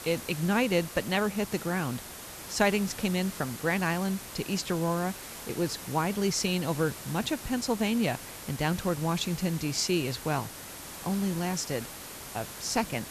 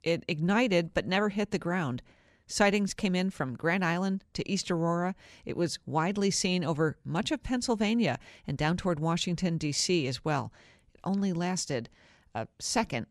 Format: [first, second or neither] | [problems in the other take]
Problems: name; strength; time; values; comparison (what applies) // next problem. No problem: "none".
second | hiss; noticeable; throughout; 10 dB below the speech